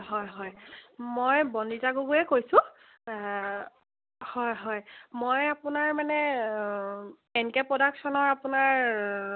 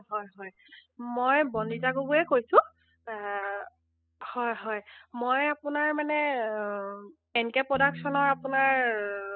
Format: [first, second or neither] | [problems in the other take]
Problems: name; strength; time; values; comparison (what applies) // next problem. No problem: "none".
first | noise reduction (classical method spectral subtraction)